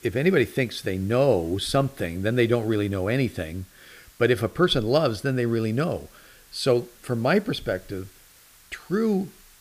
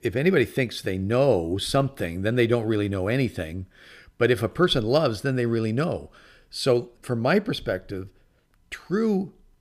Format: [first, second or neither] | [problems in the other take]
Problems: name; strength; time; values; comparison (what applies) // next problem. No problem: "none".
second | hiss; faint; throughout; 25 dB below the speech